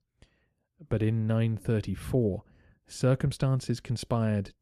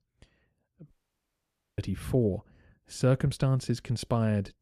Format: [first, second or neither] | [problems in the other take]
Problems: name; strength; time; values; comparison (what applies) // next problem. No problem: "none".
first | audio cutting out; at 1 s for 1 s